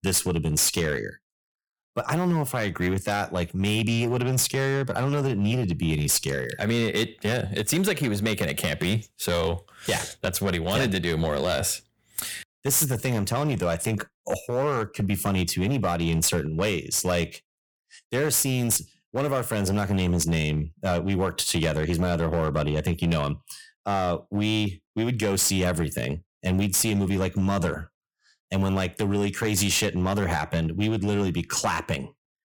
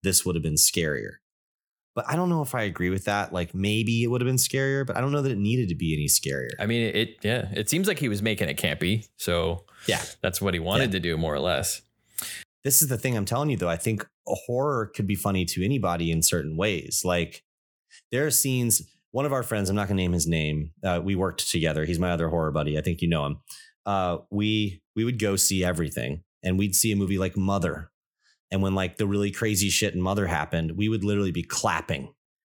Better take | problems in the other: second | distortion; slight; 8% of the sound clipped

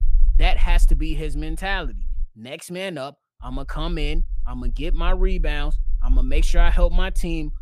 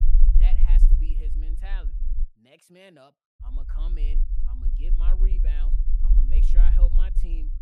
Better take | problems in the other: first | low rumble; loud; until 2 s and from 3.5 s on; 2 dB below the speech; faint in the first

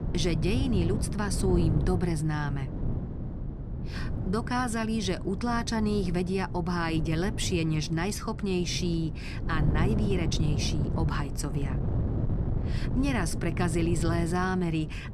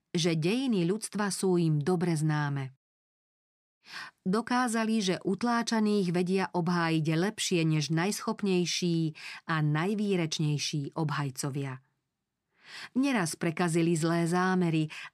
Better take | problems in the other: second | wind noise on the microphone; heavy; 9 dB below the speech

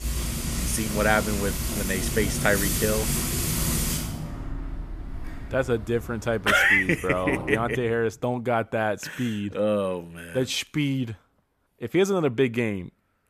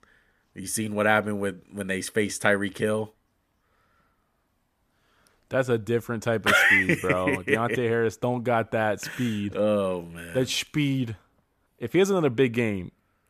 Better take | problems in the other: second | household noises; loud; until 7.5 s; 3 dB below the speech

